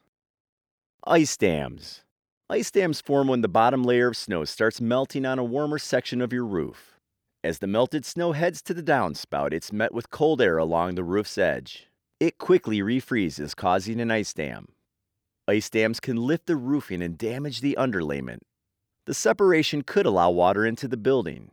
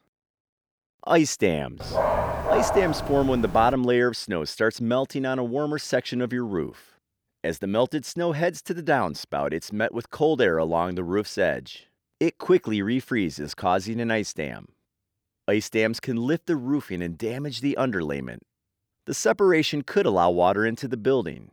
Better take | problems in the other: first | dog barking; loud; from 2 to 3.5 s; peak 1 dB above the speech

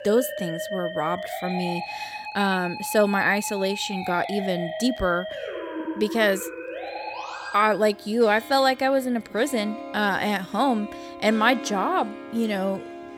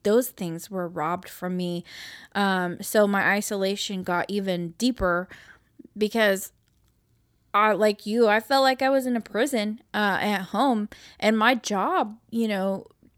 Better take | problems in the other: second | background music; loud; throughout; 10 dB below the speech

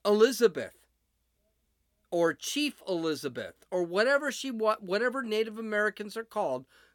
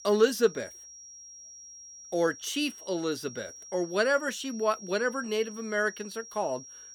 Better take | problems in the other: first | high-pitched whine; noticeable; throughout; 5.5 kHz, 15 dB below the speech

